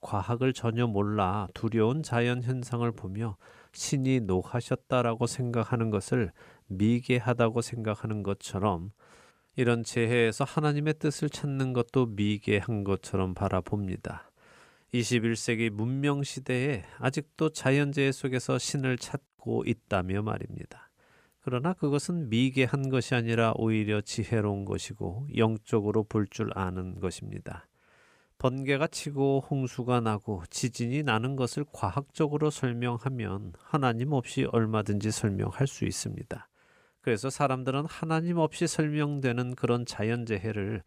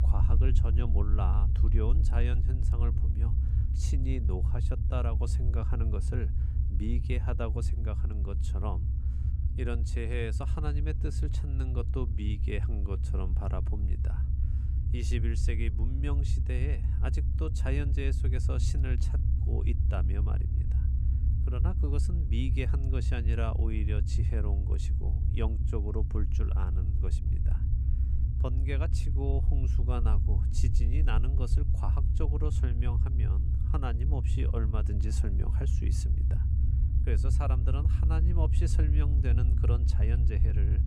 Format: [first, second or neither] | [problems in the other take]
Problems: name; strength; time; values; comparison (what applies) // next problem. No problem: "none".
first | low rumble; loud; throughout; 4 dB below the speech